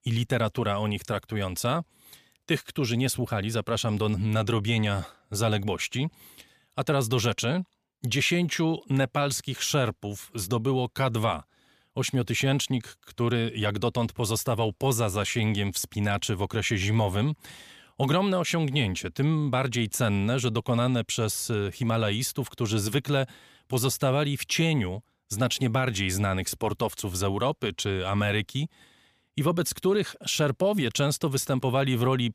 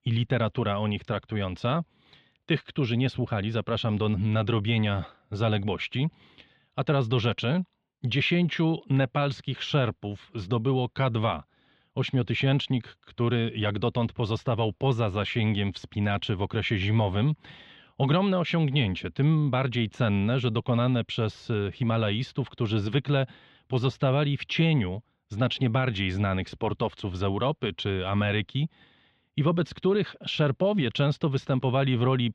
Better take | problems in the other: first | muffled; slightly; fading above 3.5 kHz

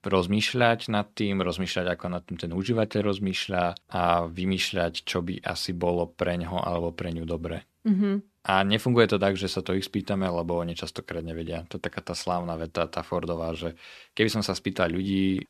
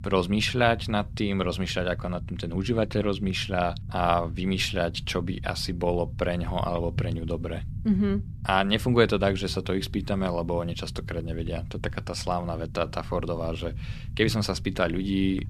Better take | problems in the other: first | low rumble; faint; throughout; 20 dB below the speech

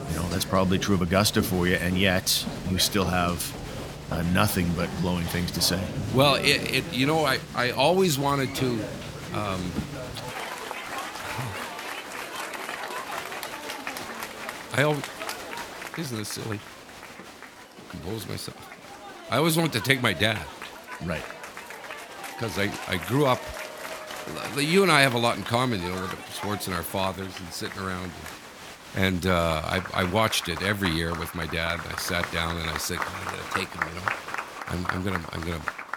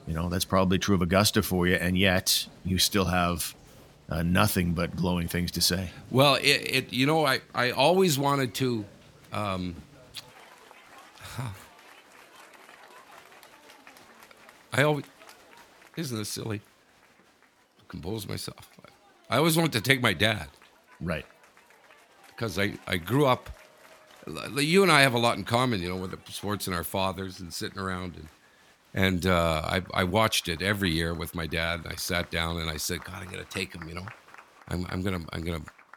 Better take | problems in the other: second | crowd noise; loud; throughout; 10 dB below the speech; faint in the second

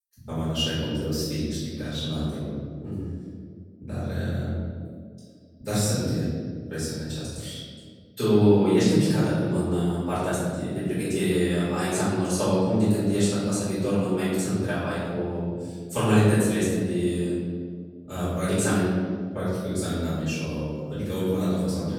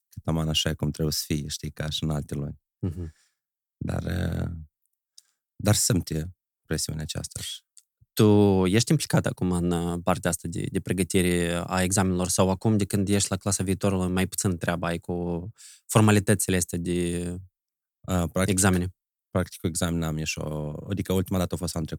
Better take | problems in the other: second | off-mic speech; far // room echo; strong; dies away in 1.9 s

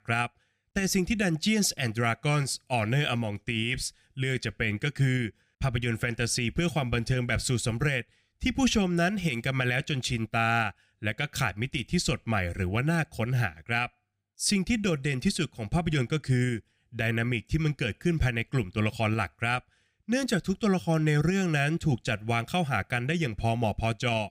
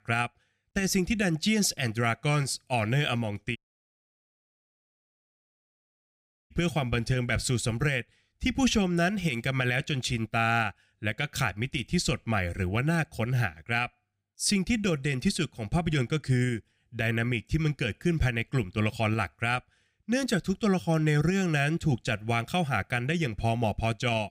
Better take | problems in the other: first | audio cutting out; at 3.5 s for 3 s

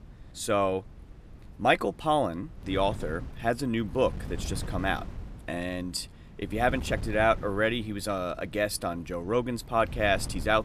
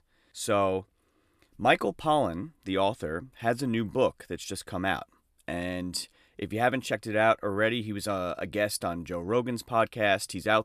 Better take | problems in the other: second | wind noise on the microphone; occasional gusts; 20 dB below the speech

